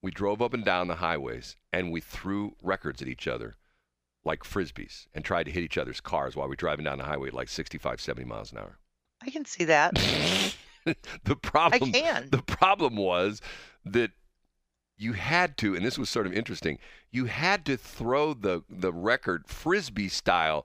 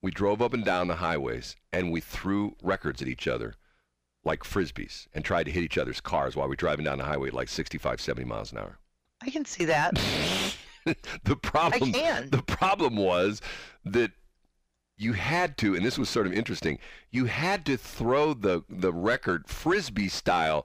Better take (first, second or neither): first